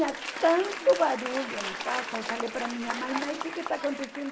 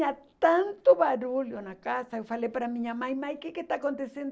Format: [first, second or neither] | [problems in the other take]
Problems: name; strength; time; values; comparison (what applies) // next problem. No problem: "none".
second | background sound (Applause / Crowd); 6 dB below the speech // room echo; dies away in 0.2 s